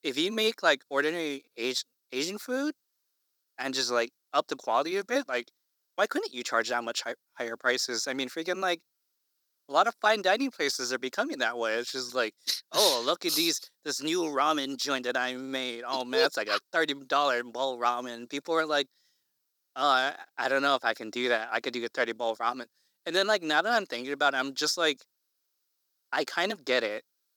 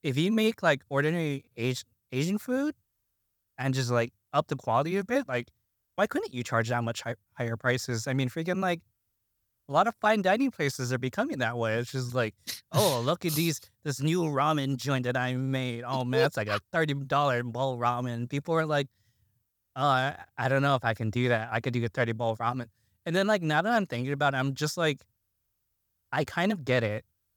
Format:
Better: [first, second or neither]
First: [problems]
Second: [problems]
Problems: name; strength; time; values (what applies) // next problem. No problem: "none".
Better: second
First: thin; somewhat; fading below 300 Hz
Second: none